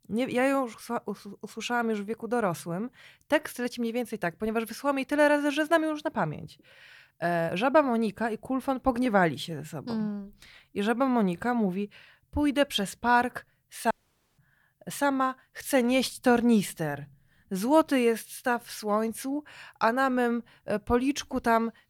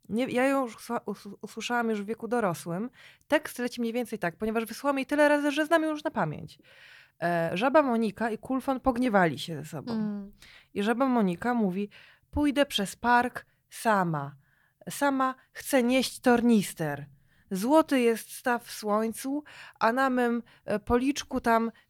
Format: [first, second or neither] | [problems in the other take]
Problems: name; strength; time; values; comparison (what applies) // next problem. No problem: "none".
second | audio cutting out; at 14 s